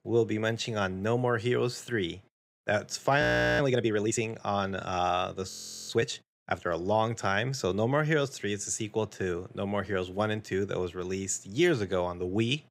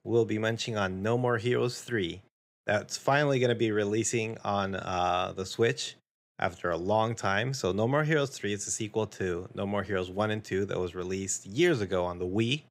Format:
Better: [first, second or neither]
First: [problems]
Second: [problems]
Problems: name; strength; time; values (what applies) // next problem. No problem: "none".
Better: second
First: audio freezing; at 3 s and at 5.5 s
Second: none